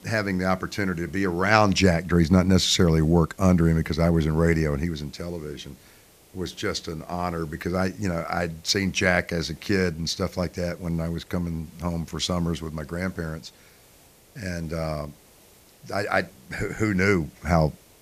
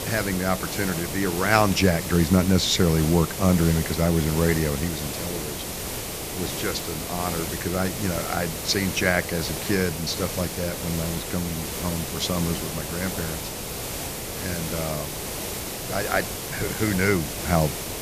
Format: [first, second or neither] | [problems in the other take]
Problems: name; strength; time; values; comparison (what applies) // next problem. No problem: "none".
first | hiss; loud; throughout; 5 dB below the speech; faint in the first